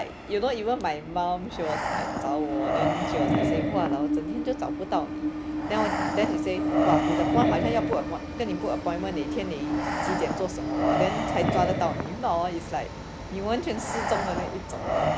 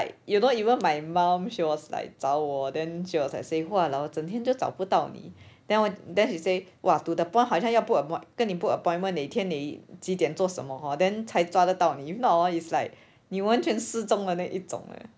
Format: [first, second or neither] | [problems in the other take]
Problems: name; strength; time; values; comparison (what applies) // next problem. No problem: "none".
second | background sound (Breathing + Train); 2 dB above the speech